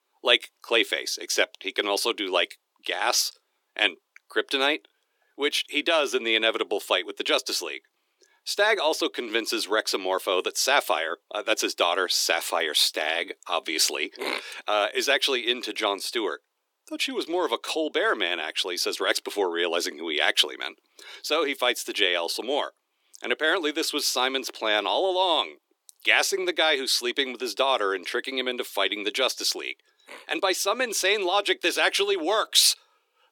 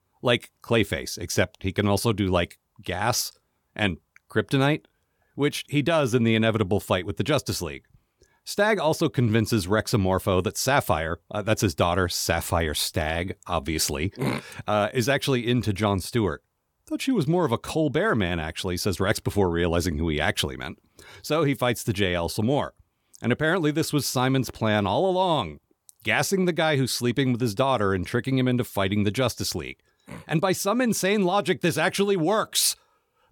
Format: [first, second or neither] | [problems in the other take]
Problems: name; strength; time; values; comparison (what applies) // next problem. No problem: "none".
second | thin; very; fading below 300 Hz